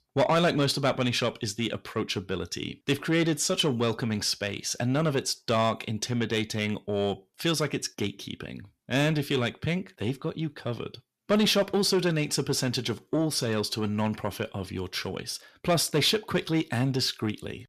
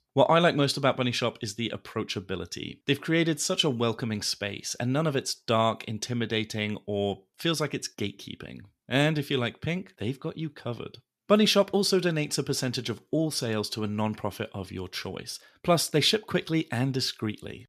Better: second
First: distortion; slight; 10 dB below the speech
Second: none

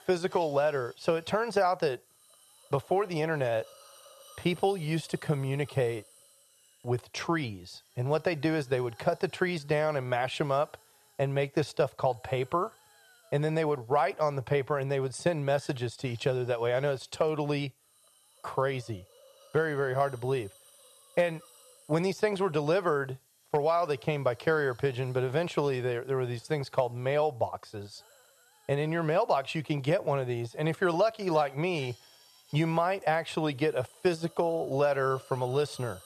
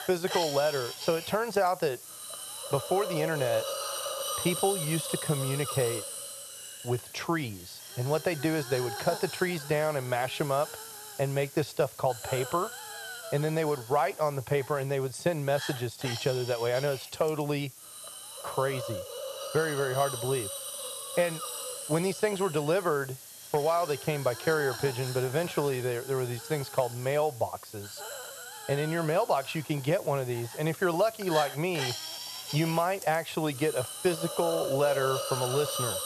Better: first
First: hiss; faint; throughout; 25 dB below the speech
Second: hiss; loud; throughout; 8 dB below the speech

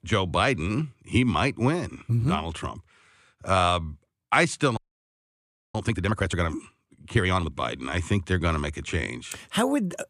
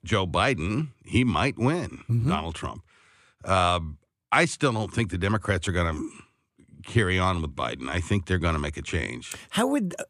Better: second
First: audio freezing; at 5 s for 1 s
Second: none

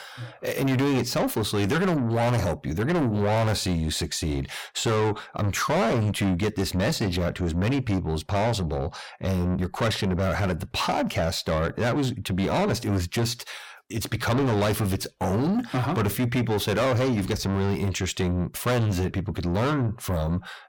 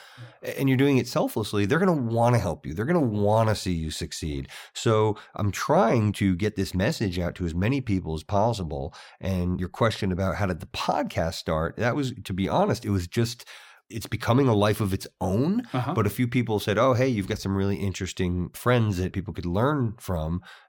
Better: second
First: distortion; heavy; 8 dB below the speech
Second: none

